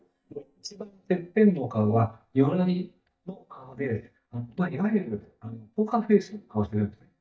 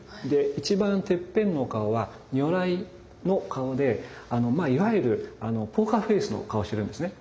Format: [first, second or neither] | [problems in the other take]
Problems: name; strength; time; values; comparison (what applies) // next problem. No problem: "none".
second | noise reduction (neural mask model DeepFilterNet 3)